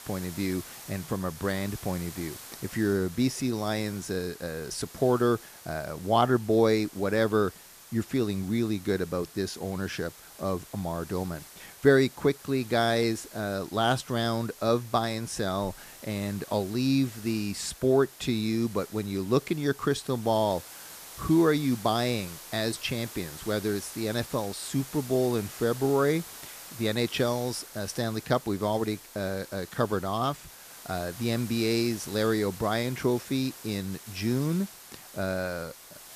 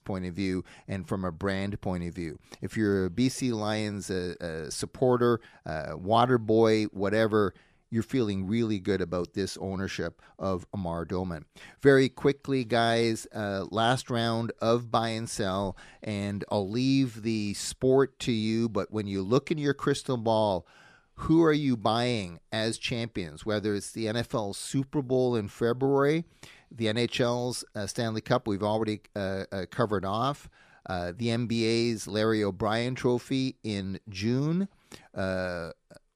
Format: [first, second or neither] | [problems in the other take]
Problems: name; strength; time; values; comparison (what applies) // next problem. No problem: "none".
second | hiss; noticeable; throughout; 15 dB below the speech